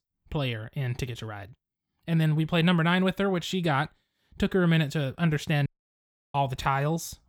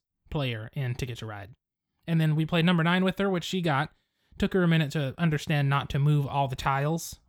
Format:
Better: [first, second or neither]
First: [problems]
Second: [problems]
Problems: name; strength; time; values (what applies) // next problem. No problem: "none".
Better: second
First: audio cutting out; at 5.5 s for 0.5 s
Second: none